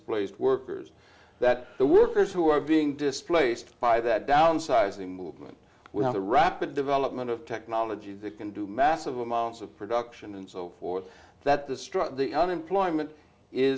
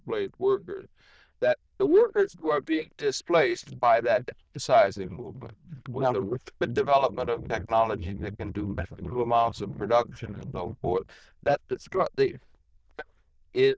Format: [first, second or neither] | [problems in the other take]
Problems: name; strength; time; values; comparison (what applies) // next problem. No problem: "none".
first | noise reduction (neural diffusion model UNIVERSE++)